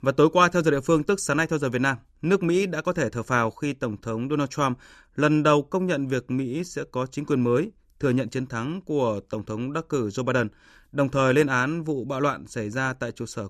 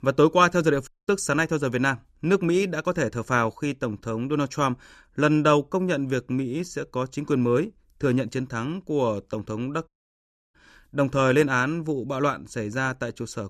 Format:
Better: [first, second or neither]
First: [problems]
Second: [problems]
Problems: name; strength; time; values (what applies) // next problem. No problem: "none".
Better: first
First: none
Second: audio cutting out; at 1 s and at 10 s for 0.5 s